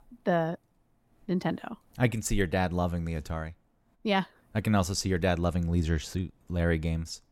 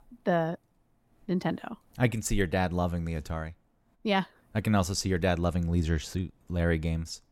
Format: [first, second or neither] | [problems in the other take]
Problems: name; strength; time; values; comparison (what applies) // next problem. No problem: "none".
neither | none